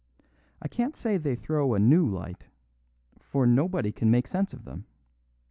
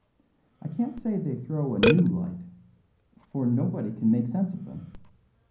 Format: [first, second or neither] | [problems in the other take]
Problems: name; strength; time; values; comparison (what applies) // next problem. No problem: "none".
first | background sound (Burping, eructation); 6 dB below the speech // room echo; dies away in 0.6 s